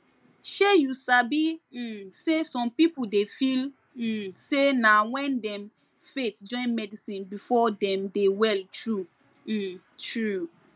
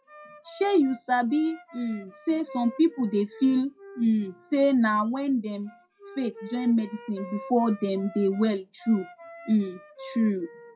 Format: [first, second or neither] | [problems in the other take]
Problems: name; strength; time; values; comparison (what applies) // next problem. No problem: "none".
first | noise reduction (classical method WPE with log-MMSE)